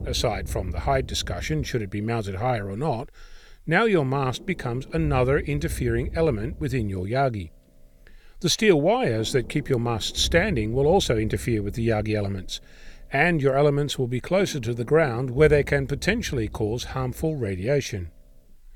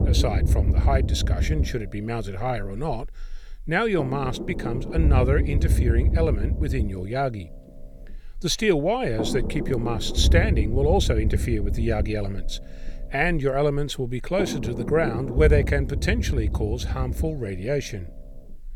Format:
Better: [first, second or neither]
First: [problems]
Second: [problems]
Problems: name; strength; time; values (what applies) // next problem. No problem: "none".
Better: first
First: low rumble; faint; throughout; 25 dB below the speech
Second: low rumble; loud; throughout; 10 dB below the speech